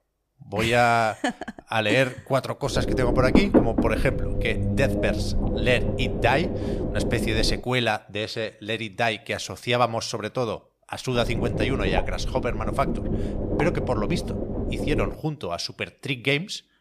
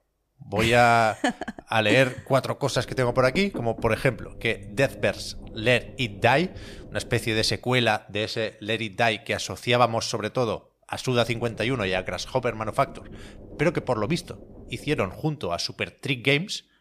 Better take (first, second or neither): second